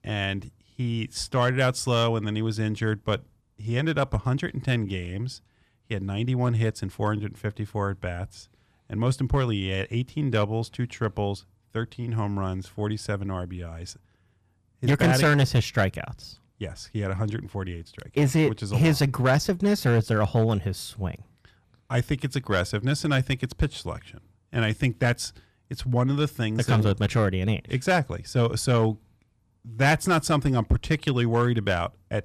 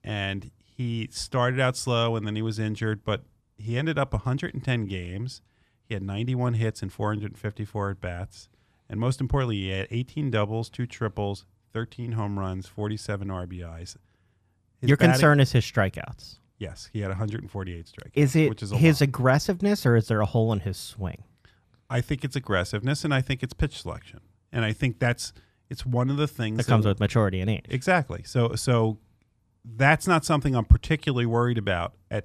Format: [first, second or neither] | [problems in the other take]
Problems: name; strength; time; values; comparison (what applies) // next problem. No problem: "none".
second | distortion; slight; 3% of the sound clipped